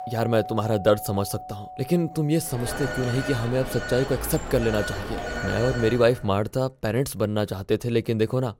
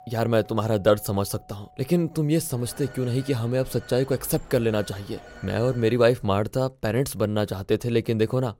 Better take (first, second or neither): second